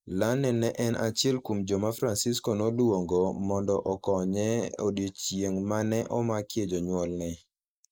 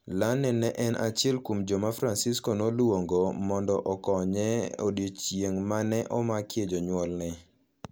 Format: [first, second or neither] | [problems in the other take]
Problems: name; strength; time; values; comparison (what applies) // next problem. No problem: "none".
second | noise reduction (neural mask model Resemble Enhance denoiser)